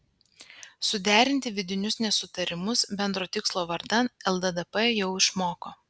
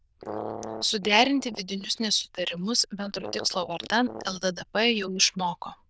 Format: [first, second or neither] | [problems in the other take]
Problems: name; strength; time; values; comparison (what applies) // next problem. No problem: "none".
first | noise reduction (neural diffusion model UNIVERSE++)